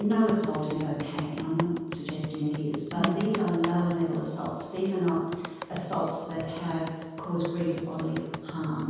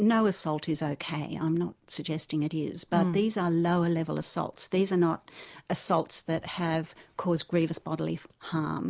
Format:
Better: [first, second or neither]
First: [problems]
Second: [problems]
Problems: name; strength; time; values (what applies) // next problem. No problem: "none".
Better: second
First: background sound (Computer keyboard); 11 dB below the speech // room echo; dies away in 1.2 s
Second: none